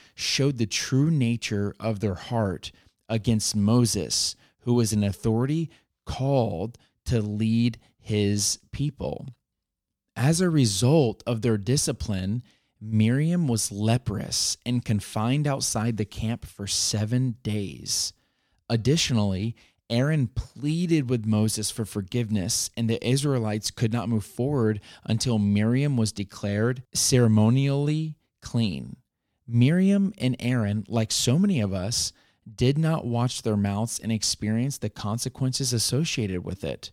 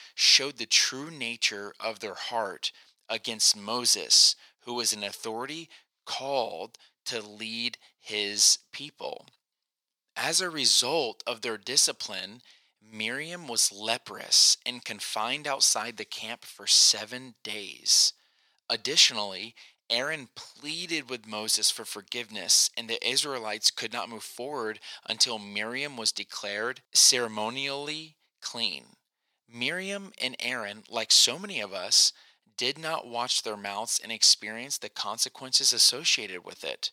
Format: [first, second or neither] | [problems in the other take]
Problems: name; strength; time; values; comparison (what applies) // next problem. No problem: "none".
first | thin; very; fading below 700 Hz